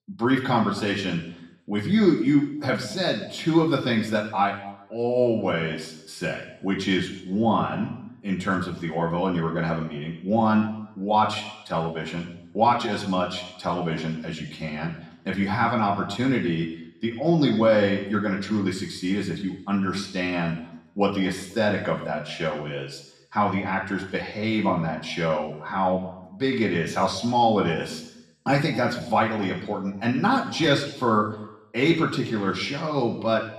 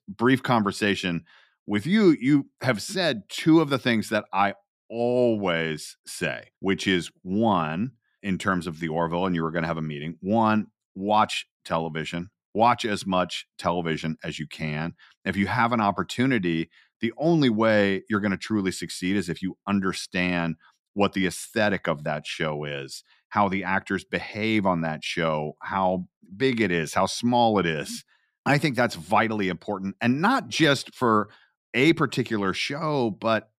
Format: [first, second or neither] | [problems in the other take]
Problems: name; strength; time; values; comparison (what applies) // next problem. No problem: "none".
second | room echo; slight; dies away in 0.8 s // off-mic speech; far